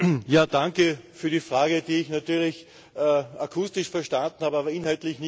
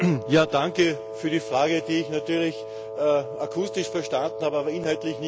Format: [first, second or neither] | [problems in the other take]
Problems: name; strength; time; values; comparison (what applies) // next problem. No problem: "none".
first | background sound (Wind instrument, woodwind instrument); 10 dB below the speech